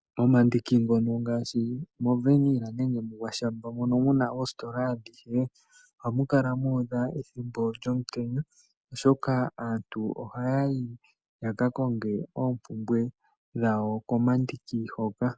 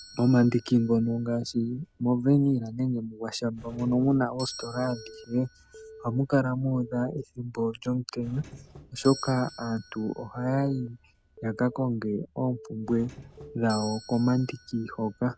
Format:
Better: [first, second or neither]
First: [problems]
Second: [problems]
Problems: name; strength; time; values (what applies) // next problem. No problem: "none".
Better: first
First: none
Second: background sound (Doorbell + Telephone); 19 dB below the speech